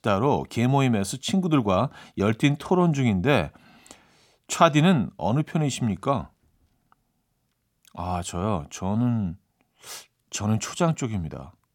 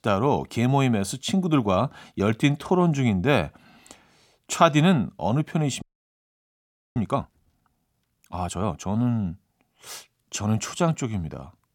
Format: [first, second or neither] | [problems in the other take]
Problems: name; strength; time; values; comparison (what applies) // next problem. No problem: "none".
first | audio freezing; at 6 s for 1 s